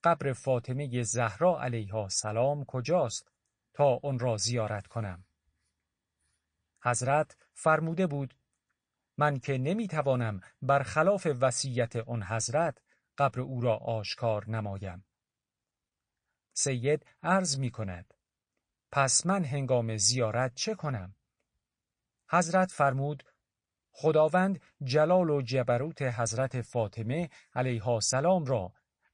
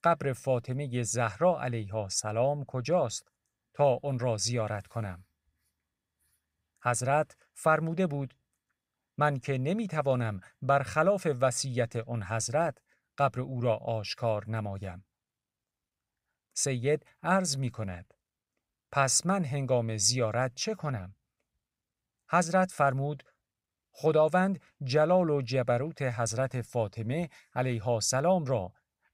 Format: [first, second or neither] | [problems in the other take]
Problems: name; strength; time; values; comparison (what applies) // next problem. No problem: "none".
second | garbled, watery; slightly; nothing above 9 kHz